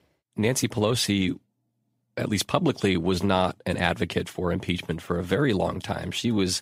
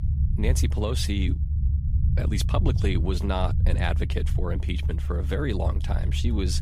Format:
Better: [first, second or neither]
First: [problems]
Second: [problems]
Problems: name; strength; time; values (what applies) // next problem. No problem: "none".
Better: first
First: none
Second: low rumble; loud; throughout; 10 dB below the speech